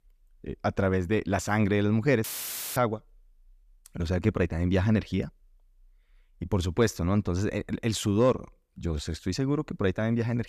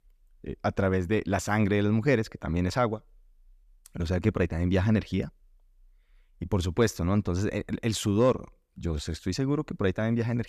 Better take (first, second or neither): second